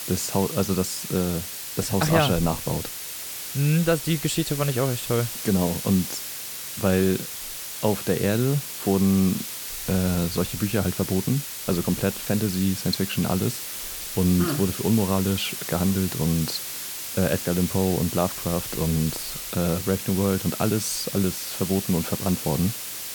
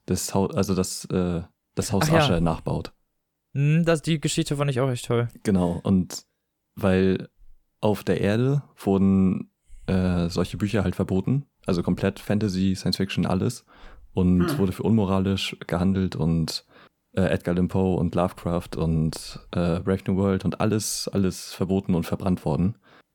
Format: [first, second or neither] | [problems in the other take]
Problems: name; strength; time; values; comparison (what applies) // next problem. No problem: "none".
second | hiss; loud; throughout; 6 dB below the speech